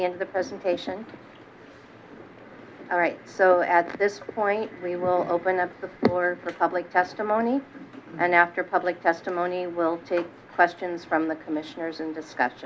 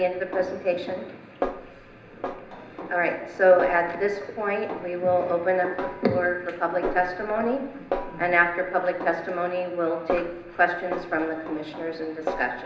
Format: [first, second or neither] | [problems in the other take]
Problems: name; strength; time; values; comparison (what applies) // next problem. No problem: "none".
first | background sound (Snare drum); 10 dB below the speech // room echo; dies away in 0.9 s